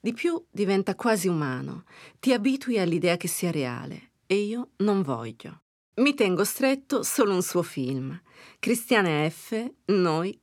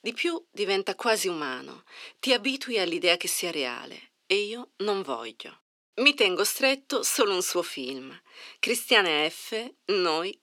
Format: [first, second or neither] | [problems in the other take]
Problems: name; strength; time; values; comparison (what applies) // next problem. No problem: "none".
first | thin; somewhat; fading below 350 Hz